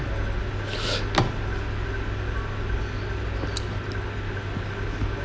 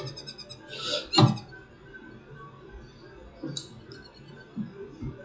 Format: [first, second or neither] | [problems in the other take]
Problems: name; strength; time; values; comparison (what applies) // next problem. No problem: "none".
first | noise reduction (classical method WPE with log-MMSE)